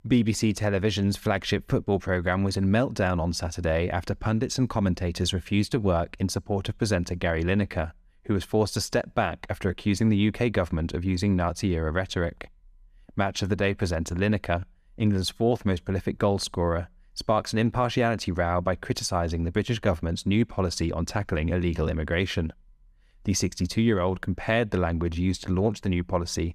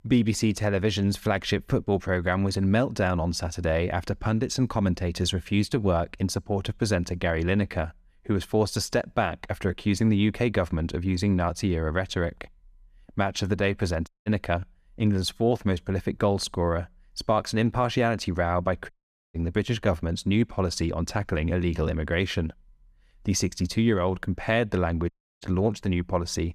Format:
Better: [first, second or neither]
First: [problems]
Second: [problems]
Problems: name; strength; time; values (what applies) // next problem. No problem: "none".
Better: first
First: none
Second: audio cutting out; at 14 s, at 19 s and at 25 s